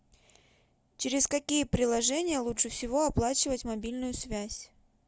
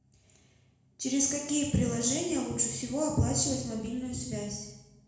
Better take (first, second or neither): first